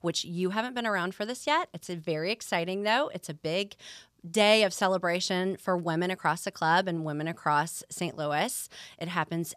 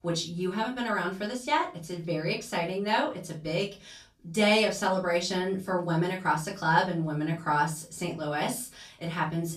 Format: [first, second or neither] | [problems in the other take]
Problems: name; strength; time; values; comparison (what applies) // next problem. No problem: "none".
first | off-mic speech; far // room echo; slight; dies away in 0.3 s